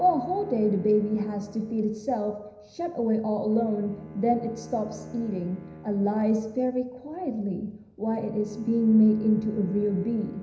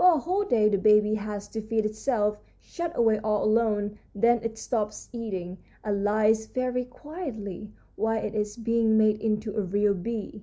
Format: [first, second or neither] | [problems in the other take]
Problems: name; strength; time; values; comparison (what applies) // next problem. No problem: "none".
second | background sound (Bowed string instrument); 18 dB below the speech // room echo; dies away in 0.9 s